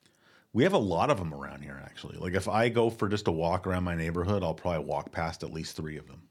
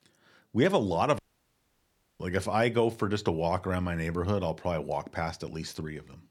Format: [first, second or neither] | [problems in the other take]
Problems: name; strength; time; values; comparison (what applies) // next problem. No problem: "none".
first | audio cutting out; at 1 s for 1 s